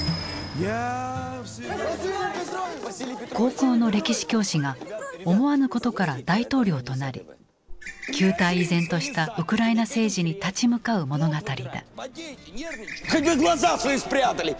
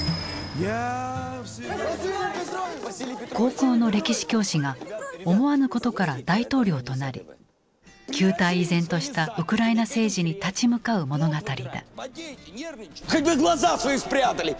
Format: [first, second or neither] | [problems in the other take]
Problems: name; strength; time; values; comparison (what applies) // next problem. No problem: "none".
second | background sound (Bird); 12 dB below the speech